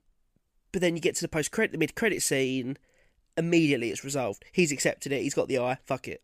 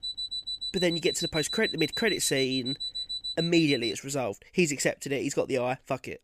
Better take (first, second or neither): first